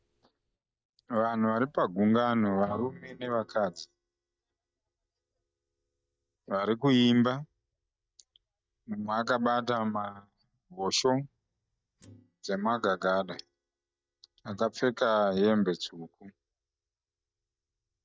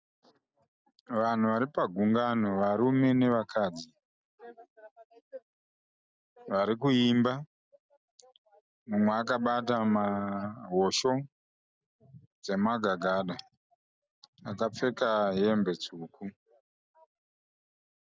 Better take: second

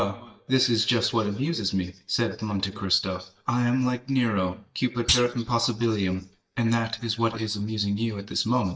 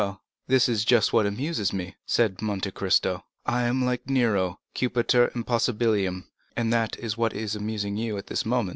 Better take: second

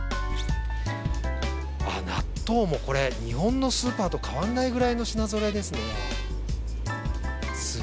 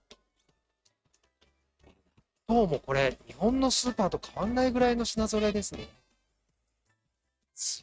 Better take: first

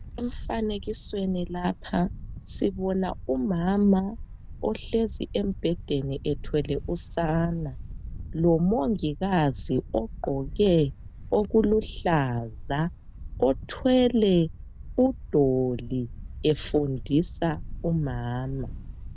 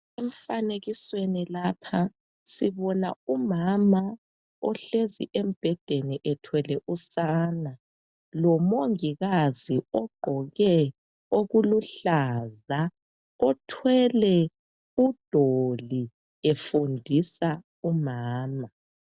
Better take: second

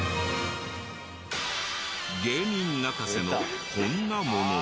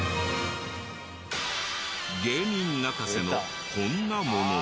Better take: second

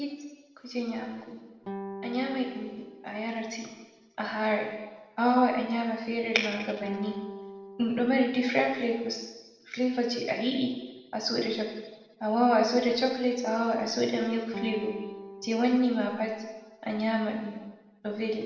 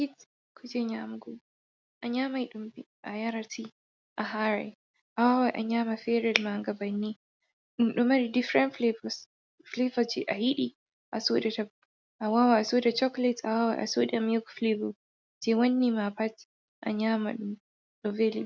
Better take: second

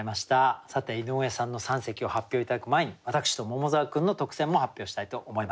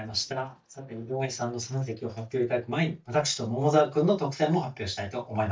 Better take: first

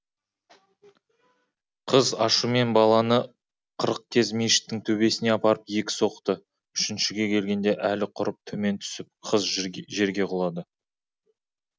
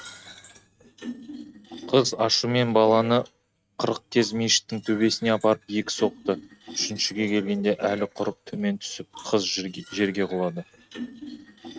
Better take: first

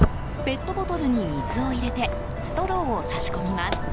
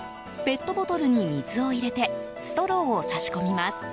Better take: second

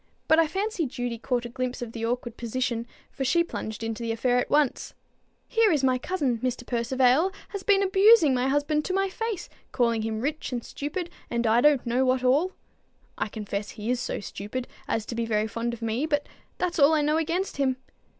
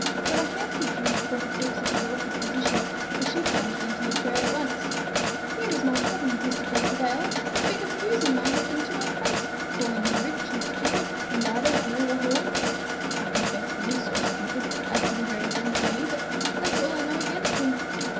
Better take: first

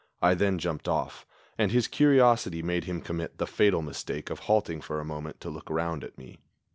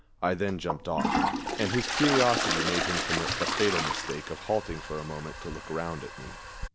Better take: first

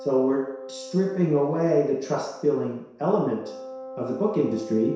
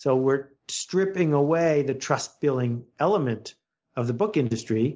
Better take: second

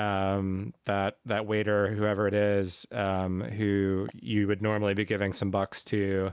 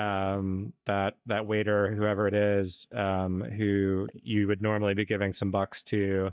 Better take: first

